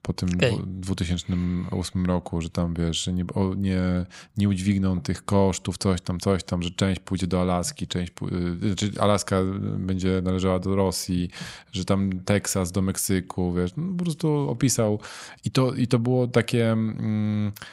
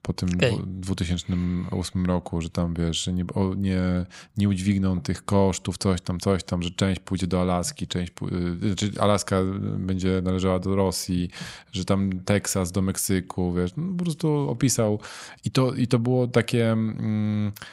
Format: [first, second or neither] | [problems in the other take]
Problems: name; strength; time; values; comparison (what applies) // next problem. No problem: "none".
neither | none